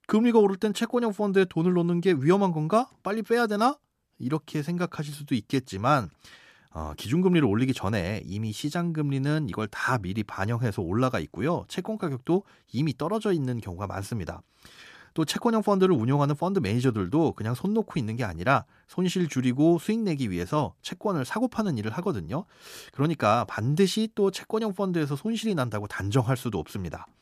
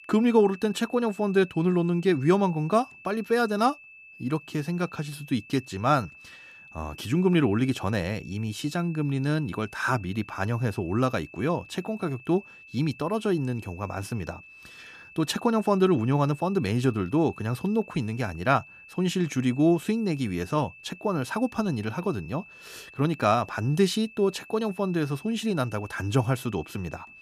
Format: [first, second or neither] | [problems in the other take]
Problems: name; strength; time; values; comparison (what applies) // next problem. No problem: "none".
first | high-pitched whine; faint; throughout; 2.5 kHz, 20 dB below the speech